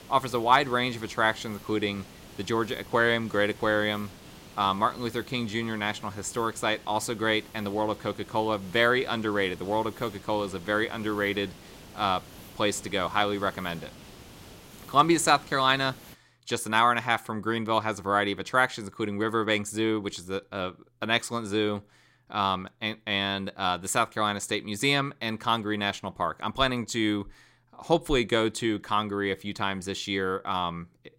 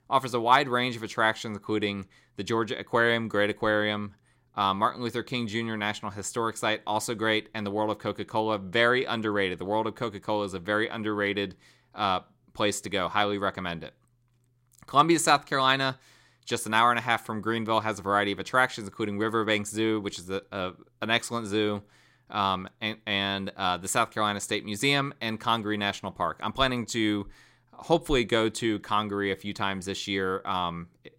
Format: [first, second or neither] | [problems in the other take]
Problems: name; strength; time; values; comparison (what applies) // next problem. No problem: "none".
second | hiss; faint; until 16 s; 20 dB below the speech